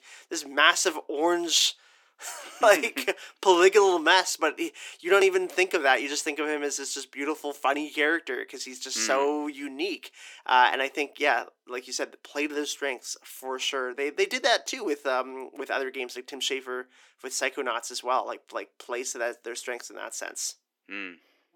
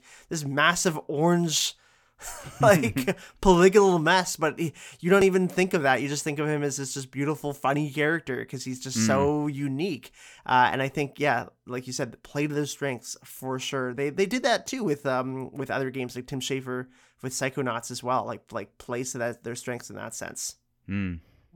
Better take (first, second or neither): second